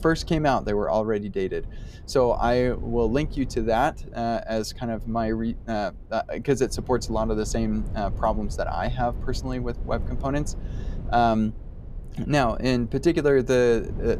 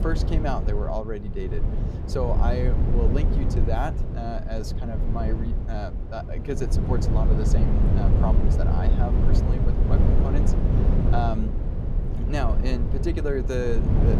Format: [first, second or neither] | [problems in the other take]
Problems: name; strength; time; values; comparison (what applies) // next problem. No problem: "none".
first | low rumble; loud; throughout; 3 dB below the speech; faint in the first